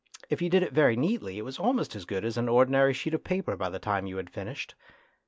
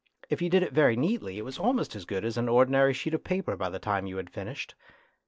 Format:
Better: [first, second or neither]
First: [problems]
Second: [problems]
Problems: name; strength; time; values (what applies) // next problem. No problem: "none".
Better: first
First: none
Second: noise reduction (neural separator model SepFormer DNS4)